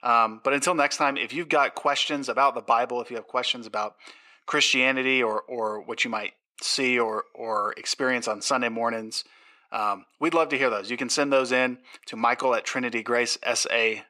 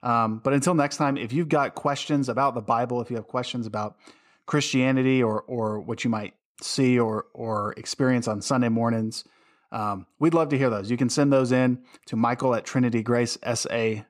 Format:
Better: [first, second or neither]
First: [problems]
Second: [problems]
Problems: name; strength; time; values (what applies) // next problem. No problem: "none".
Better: second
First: thin; somewhat; fading below 450 Hz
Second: none